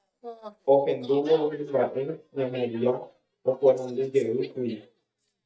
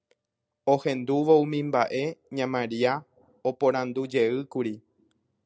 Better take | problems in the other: second | noise reduction (neural mask model DeepFilterNet 3)

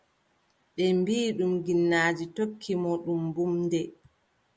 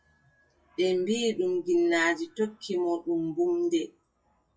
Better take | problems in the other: first | noise reduction (classical method WPE with log-MMSE)

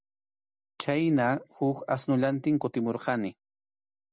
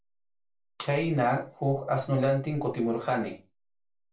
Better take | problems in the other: first | room echo; dies away in 0.3 s

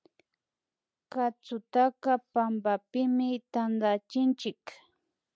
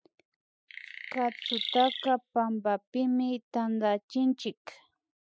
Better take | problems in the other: first | noise reduction (classical method spectral subtraction)

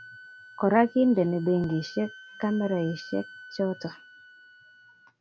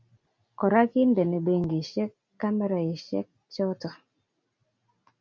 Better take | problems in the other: second | background sound (Wind instrument, woodwind instrument); 20 dB below the speech

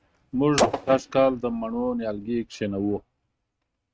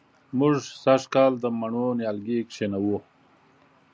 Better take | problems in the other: second | noise reduction (neural mask model RNNoise)

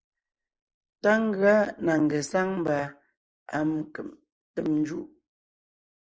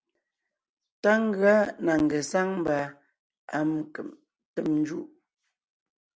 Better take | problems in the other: second | noise reduction (neural mask model Resemble Enhance denoiser)

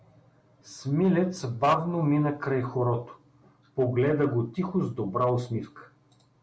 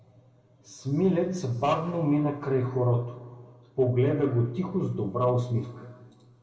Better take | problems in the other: first | room echo; dies away in 1.3 s

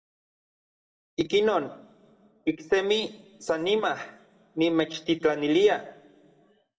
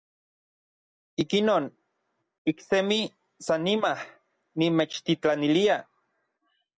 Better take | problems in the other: second | room echo; dies away in 0.9 s

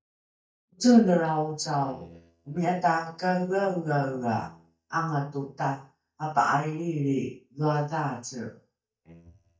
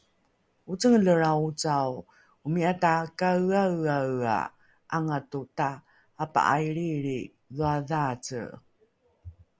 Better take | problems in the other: second | noise reduction (neural mask model DeepFilterNet 3)

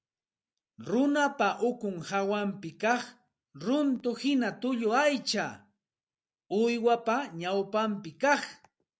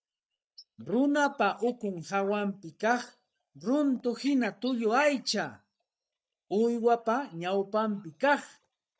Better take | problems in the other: first | noise reduction (neural mask model DeepFilterNet 3)

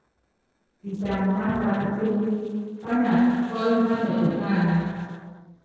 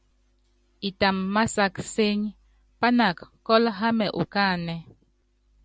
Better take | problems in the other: second | noise reduction (neural separator model SepFormer DNS4)

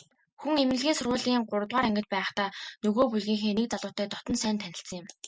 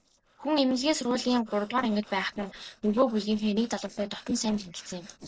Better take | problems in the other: first | noise reduction (neural separator model SepFormer DNS4)

